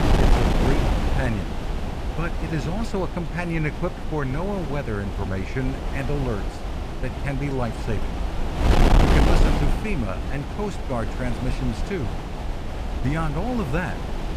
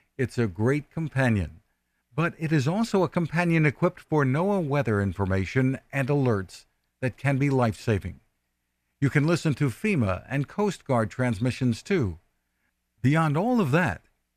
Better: second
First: wind noise on the microphone; heavy; as loud as the speech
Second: none

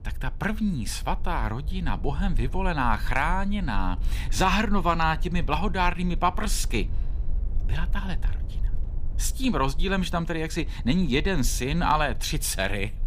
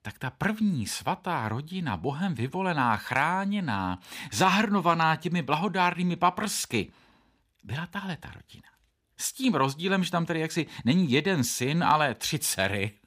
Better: second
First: low rumble; faint; throughout; 25 dB below the speech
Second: none

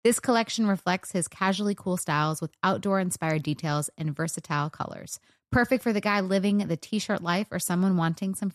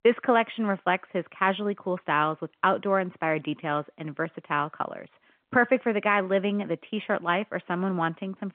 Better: first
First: none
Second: phone-call audio

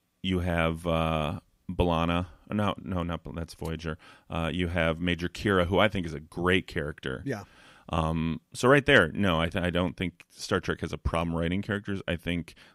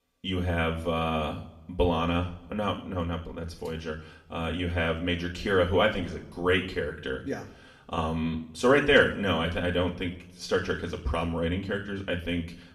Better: first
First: none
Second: room echo; slight; dies away in 0.6 s // off-mic speech; somewhat distant

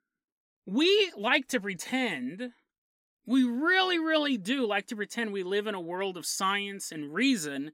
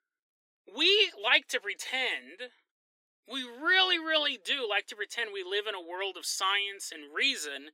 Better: first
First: none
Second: thin; very; fading below 350 Hz

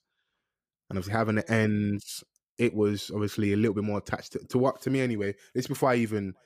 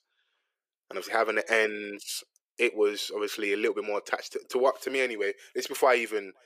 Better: first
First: none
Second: thin; very; fading below 400 Hz

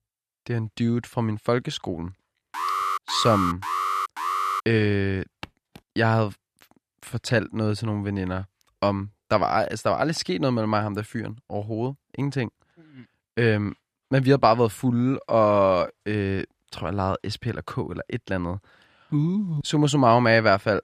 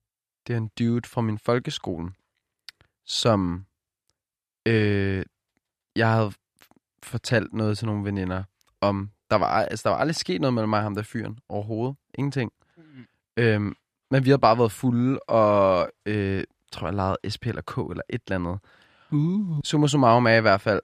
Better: second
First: alarm; noticeable; from 2.5 to 4.5 s; peak 1 dB below the speech // footsteps; very faint; at 5.5 s; peak 20 dB below the speech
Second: none

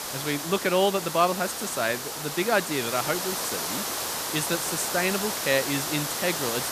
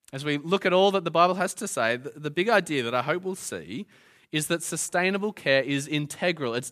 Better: second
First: hiss; loud; throughout; 2 dB below the speech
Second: none

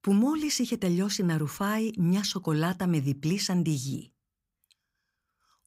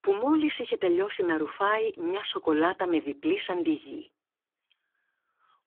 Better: first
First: none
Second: phone-call audio; poor line; nothing above 3.5 kHz

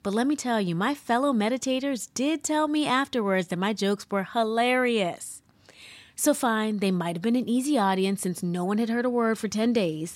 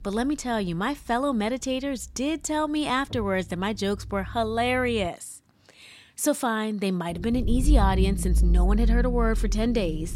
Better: first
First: none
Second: low rumble; noticeable; until 5 s and from 7 s on; 15 dB below the speech

